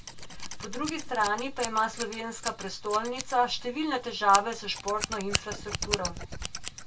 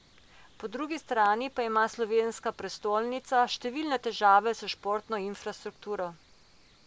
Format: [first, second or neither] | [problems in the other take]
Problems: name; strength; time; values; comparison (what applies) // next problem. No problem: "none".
second | background sound (Scissors); 8 dB below the speech // room echo; dies away in 0.1 s